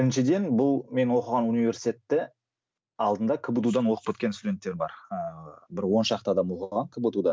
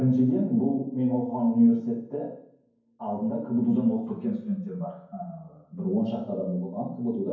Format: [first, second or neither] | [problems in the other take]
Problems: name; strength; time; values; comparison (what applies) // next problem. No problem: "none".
first | room echo; dies away in 0.9 s